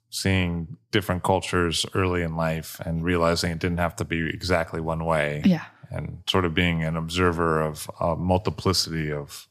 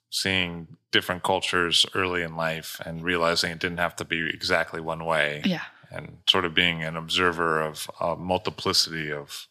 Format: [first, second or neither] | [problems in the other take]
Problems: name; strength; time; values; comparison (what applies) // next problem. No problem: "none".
first | thin; very slightly; fading below 650 Hz